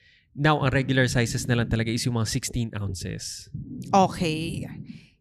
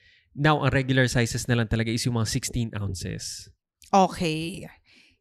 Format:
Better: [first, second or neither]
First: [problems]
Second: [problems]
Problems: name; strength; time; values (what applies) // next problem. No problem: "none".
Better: second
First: low rumble; noticeable; throughout; 20 dB below the speech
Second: none